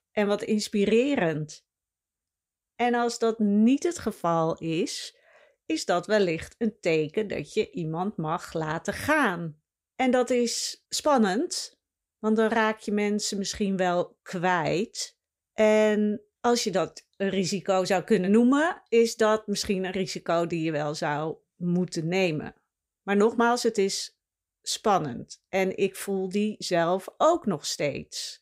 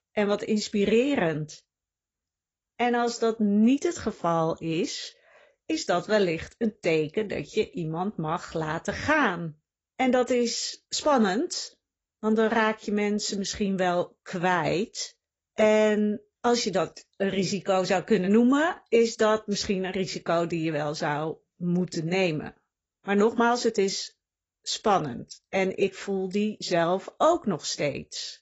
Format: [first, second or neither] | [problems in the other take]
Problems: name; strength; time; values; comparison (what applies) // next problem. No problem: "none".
first | garbled, watery; badly; nothing above 7.5 kHz